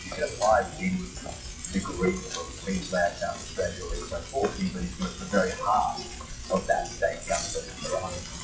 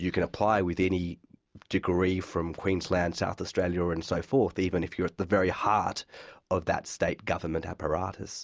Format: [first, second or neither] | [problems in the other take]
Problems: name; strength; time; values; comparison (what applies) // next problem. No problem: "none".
second | noise reduction (classical method WPE with log-MMSE)